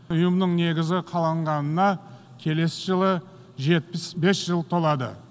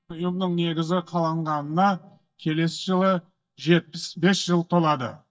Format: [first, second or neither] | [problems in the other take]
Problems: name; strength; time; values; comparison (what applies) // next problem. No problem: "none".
first | noise reduction (neural mask model DeepFilterNet 3)